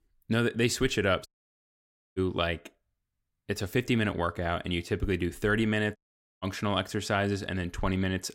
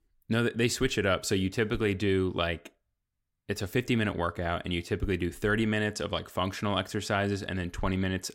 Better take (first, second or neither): second